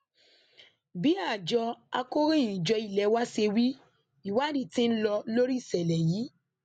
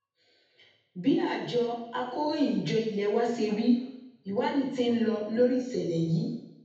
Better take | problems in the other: first | room echo; dies away in 0.8 s

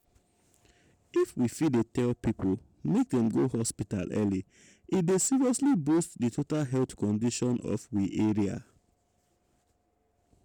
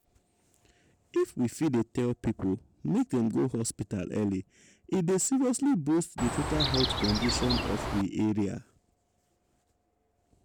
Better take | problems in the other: first | background sound (Chirp, tweet); 1 dB below the speech

